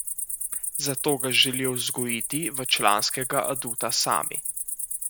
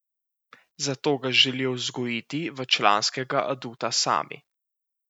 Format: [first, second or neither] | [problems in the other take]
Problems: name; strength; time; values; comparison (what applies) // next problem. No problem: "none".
second | background sound (Cricket); 4 dB below the speech